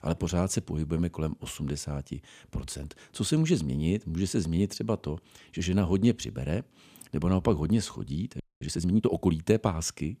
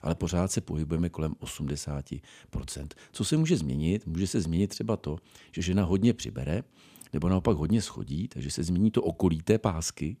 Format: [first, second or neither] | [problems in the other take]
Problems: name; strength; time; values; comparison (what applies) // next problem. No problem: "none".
second | audio freezing; at 8.5 s